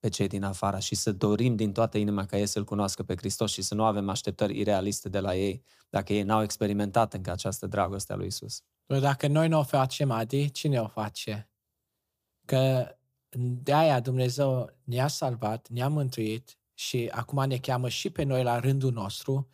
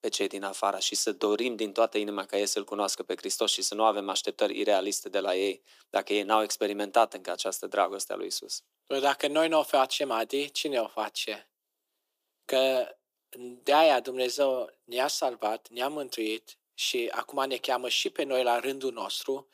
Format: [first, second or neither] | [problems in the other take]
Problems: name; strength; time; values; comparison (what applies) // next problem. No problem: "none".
first | thin; very; fading below 300 Hz